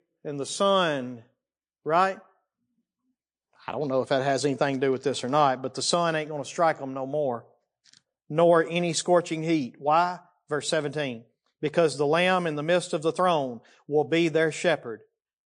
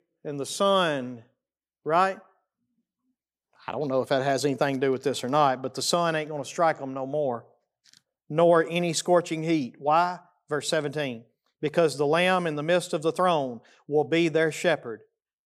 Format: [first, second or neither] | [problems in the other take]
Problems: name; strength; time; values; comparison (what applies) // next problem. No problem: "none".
second | garbled, watery; slightly; nothing above 9 kHz